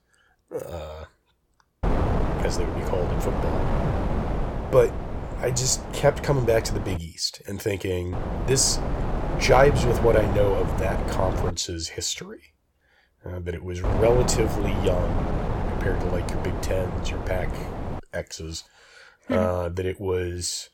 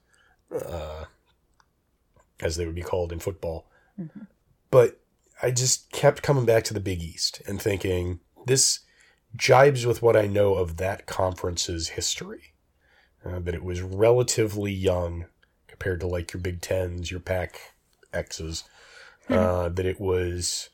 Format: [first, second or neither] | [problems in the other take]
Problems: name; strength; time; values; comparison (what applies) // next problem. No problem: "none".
second | wind noise on the microphone; heavy; from 2 to 7 s, from 8 to 12 s and from 14 to 18 s; 6 dB below the speech